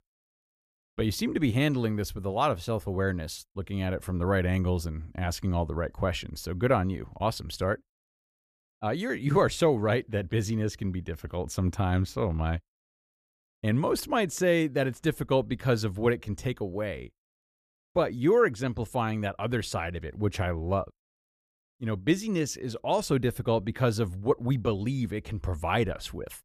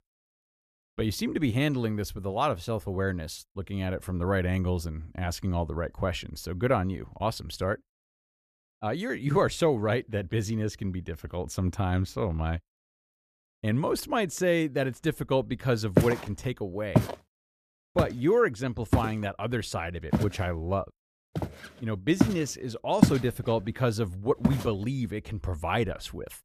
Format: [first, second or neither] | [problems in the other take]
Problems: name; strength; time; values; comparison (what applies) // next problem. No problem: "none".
first | footsteps; loud; from 16 to 24 s; peak 6 dB above the speech